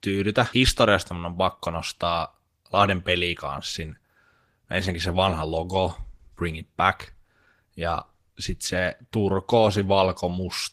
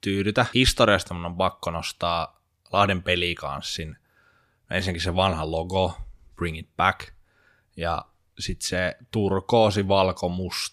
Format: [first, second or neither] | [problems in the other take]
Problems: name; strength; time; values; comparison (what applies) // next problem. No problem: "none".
second | garbled, watery; slightly